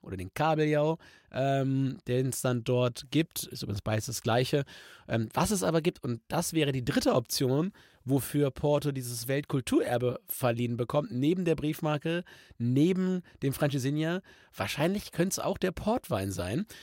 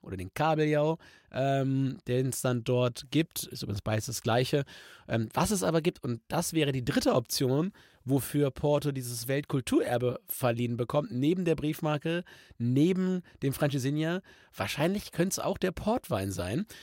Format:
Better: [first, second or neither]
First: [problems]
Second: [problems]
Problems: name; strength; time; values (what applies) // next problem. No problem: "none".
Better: neither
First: none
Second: none